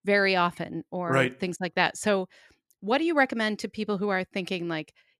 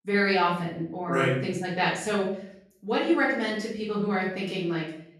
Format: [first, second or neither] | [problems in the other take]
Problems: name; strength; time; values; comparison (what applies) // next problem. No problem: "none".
first | off-mic speech; far // room echo; noticeable; dies away in 0.6 s